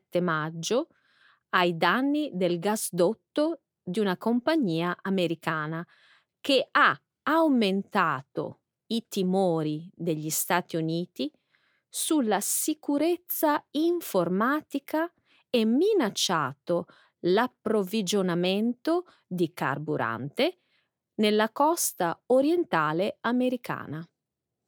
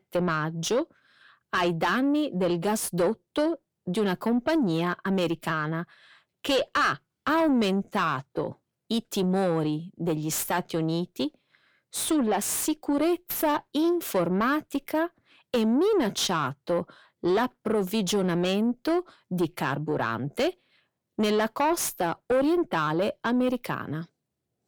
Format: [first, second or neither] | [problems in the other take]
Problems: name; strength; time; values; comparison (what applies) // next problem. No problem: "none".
first | distortion; slight; 10 dB below the speech